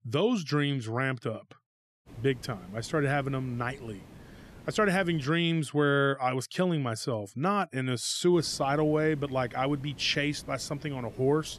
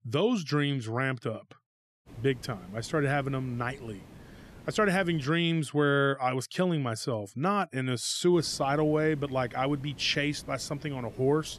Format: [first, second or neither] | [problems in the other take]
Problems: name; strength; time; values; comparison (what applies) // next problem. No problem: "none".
neither | hiss; faint; from 2 to 5.5 s and from 8.5 s on; 20 dB below the speech; the same in both